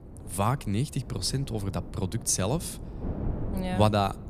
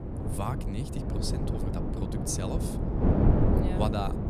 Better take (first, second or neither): first